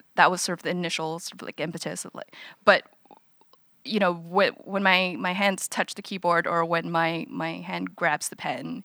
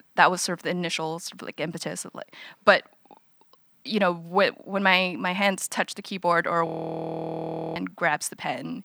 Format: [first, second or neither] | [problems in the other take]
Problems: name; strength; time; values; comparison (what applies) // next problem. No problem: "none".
first | audio freezing; at 6.5 s for 1 s